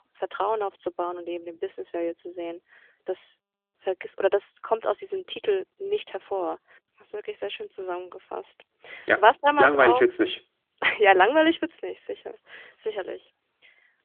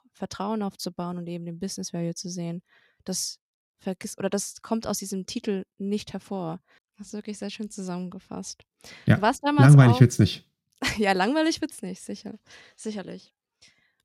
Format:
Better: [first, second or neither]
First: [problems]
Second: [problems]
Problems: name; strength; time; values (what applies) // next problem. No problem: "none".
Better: second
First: phone-call audio; nothing above 3.5 kHz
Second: none